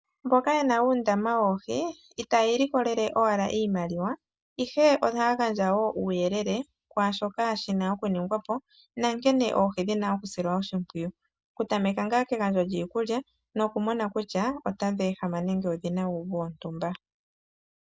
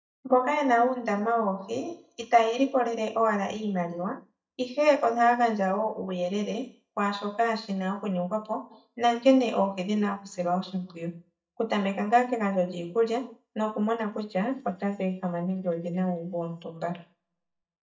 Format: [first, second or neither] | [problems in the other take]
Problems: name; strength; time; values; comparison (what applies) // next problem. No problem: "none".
first | noise reduction (neural mask model DeepFilterNet 3)